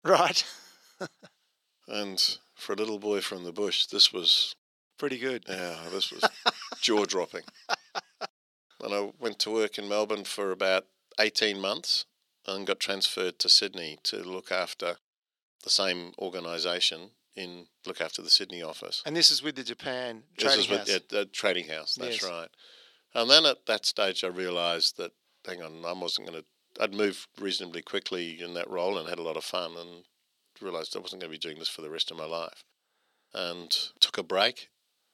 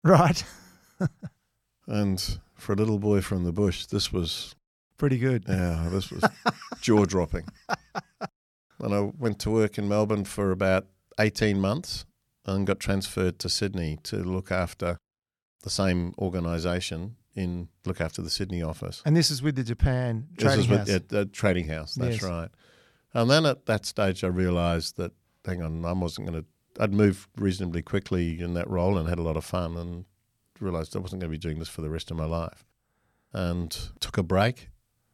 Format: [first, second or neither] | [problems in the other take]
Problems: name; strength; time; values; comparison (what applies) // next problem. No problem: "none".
second | thin; somewhat; fading below 350 Hz